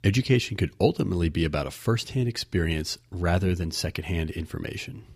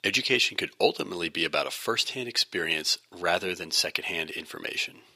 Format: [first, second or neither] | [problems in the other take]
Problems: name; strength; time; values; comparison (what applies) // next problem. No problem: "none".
first | thin; very; fading below 550 Hz